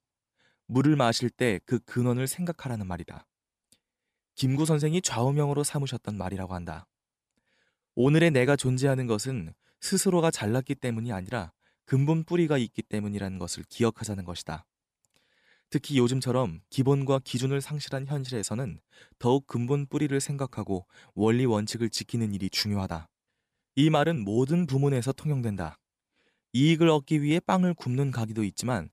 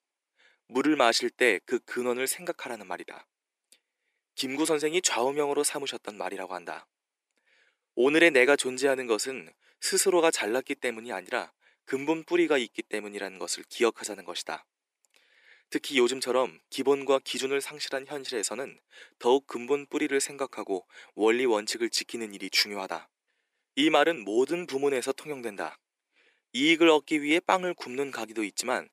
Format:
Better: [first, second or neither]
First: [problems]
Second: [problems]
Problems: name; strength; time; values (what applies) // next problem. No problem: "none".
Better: first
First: none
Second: thin; somewhat; fading below 350 Hz